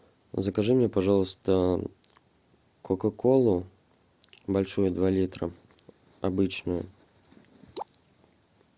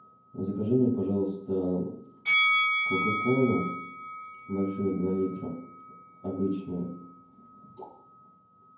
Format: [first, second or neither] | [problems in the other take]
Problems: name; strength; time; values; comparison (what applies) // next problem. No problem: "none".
first | background sound (Bell); 3 dB below the speech // room echo; dies away in 0.9 s